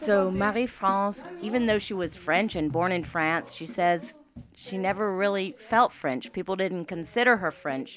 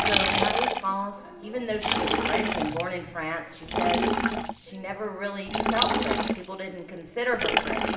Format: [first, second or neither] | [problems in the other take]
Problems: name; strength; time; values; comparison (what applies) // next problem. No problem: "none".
first | background sound (Liquid); 3 dB above the speech // room echo; dies away in 1.2 s